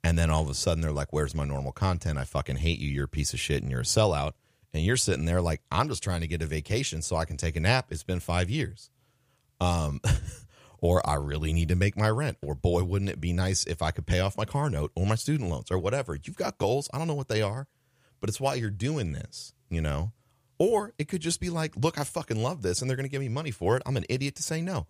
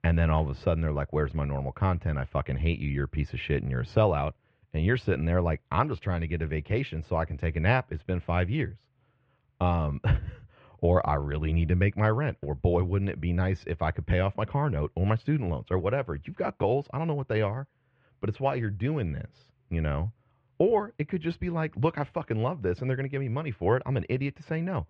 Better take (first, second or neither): first